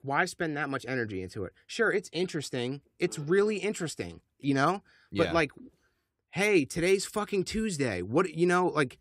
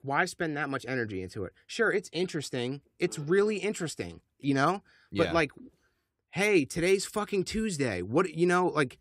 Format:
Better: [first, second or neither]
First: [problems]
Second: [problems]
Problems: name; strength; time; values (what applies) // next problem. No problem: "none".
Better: neither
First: none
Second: none